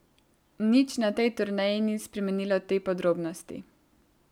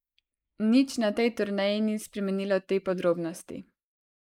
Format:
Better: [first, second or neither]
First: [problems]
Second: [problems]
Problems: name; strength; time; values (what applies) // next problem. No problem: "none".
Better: first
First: none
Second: noise reduction (neural mask model Resemble Enhance denoiser)